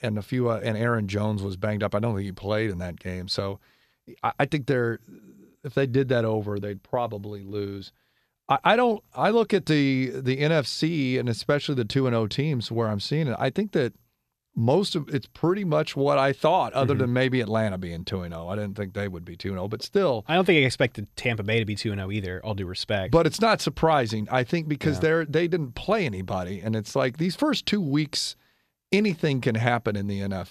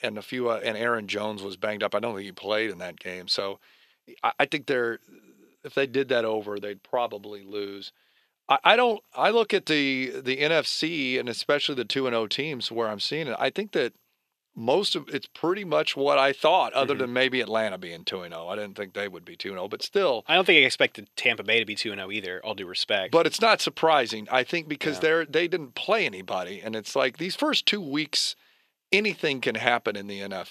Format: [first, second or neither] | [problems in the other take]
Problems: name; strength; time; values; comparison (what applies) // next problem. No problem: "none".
first | thin; somewhat; fading below 350 Hz